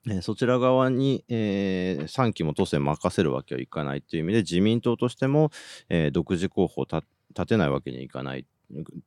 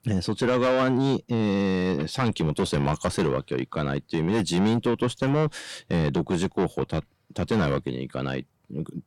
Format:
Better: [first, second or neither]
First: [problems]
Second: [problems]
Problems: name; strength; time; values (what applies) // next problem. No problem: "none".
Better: first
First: none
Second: distortion; heavy; 6 dB below the speech